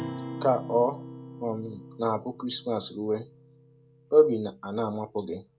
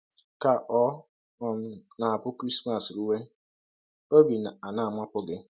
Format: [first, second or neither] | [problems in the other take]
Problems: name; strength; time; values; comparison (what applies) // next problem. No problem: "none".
second | background sound (Acoustic guitar); 14 dB below the speech // room echo; dies away in 0.2 s